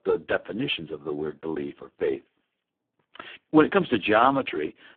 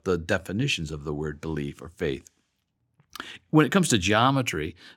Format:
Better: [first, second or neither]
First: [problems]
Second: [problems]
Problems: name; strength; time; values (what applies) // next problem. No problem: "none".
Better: second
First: phone-call audio; poor line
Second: none